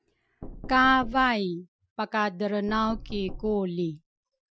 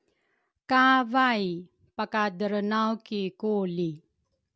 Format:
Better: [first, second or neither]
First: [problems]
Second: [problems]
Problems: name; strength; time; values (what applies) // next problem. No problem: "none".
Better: second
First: noise reduction (classical method Wiener filter)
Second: none